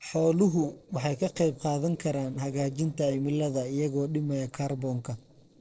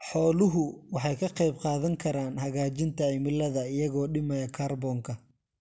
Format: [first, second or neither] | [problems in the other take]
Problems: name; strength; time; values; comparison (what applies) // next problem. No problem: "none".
second | noise reduction (neural separator model SepFormer DNS4)